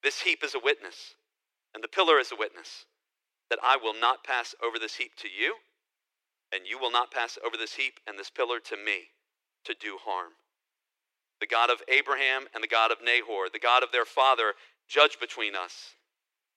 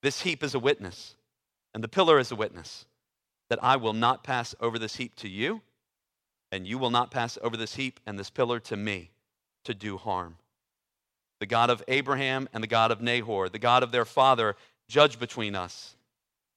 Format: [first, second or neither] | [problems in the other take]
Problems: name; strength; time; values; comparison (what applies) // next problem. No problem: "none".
second | thin; very; fading below 300 Hz